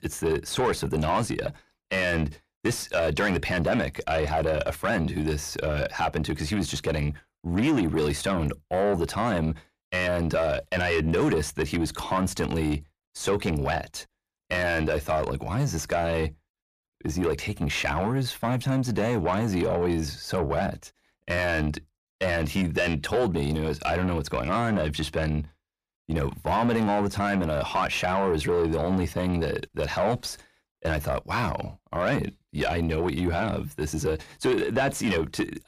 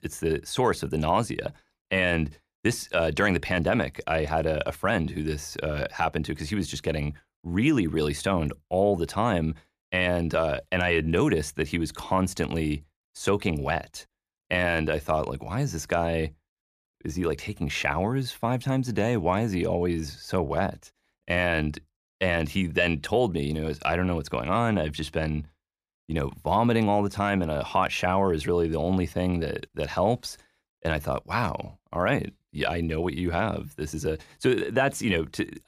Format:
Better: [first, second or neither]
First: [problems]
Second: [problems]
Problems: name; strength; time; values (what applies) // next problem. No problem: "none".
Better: second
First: distortion; heavy; 7 dB below the speech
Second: none